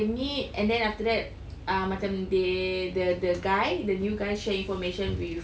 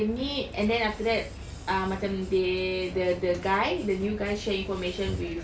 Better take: first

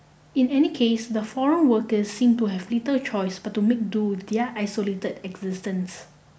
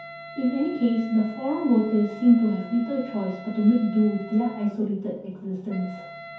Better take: first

